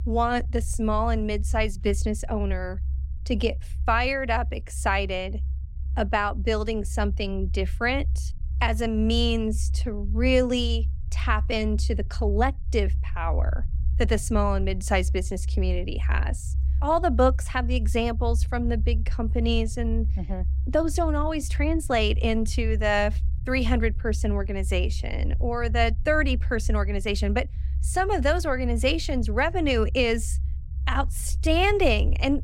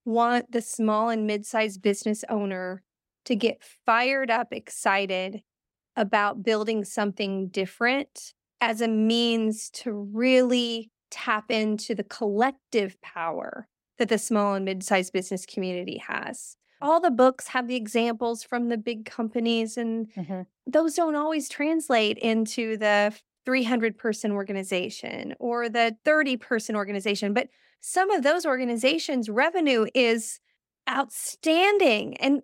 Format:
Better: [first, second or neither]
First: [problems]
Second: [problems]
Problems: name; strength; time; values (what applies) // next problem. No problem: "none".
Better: second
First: low rumble; faint; throughout; 20 dB below the speech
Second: none